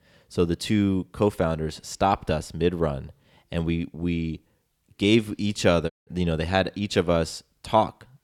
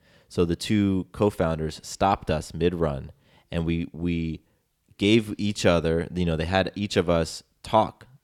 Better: second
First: audio cutting out; at 6 s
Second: none

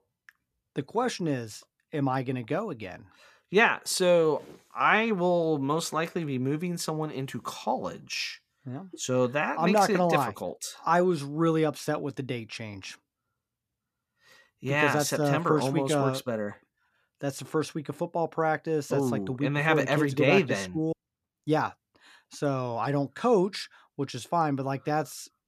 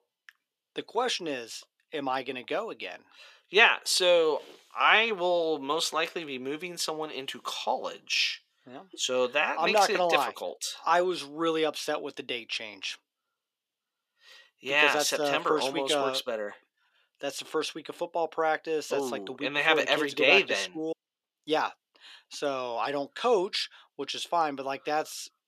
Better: first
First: none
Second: thin; somewhat; fading below 450 Hz

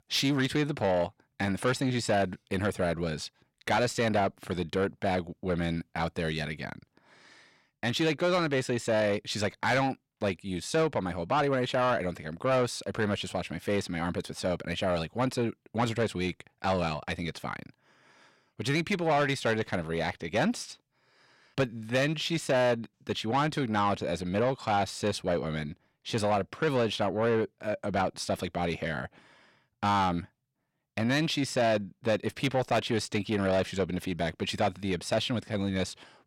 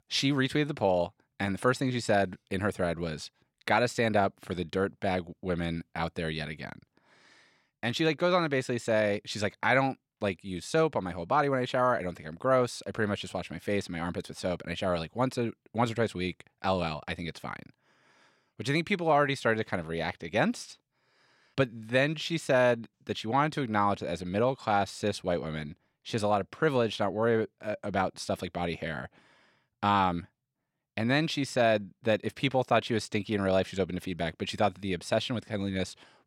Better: second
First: distortion; slight; 10 dB below the speech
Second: none

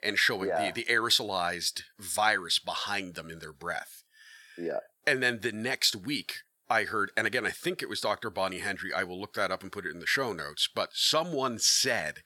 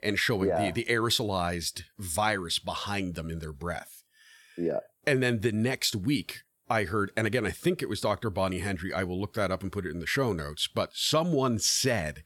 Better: second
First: thin; somewhat; fading below 500 Hz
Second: none

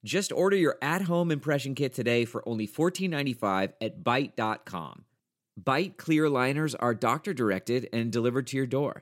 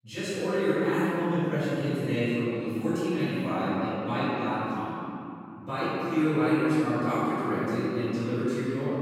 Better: first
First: none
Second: off-mic speech; far // room echo; strong; dies away in 3 s

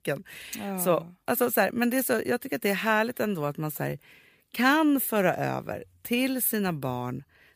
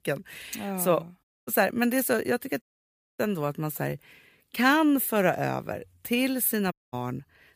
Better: first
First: none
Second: audio cutting out; at 1 s, at 2.5 s for 0.5 s and at 6.5 s

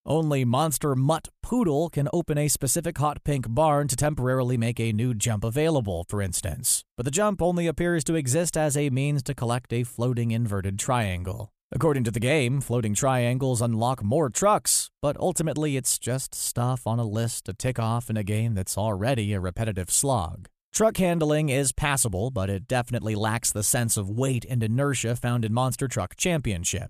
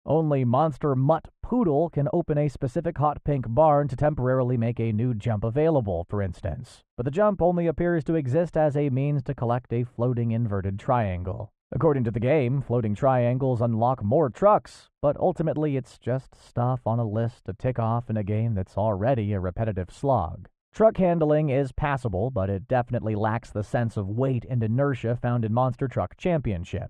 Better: first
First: none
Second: muffled; very; fading above 1.5 kHz

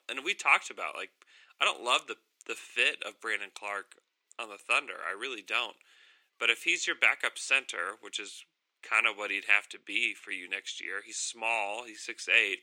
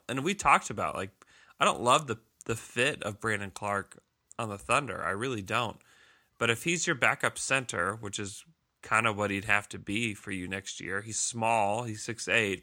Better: second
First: thin; somewhat; fading below 350 Hz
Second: none

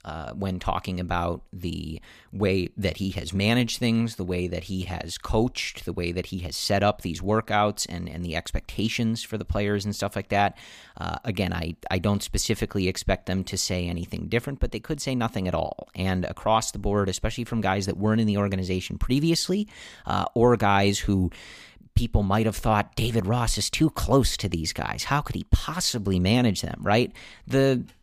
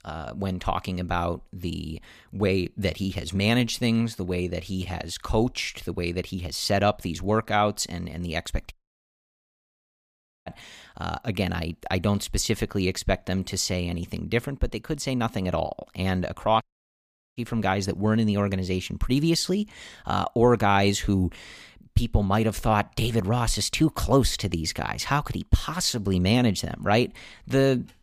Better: first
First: none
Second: audio cutting out; at 8.5 s for 1.5 s and at 17 s for 0.5 s

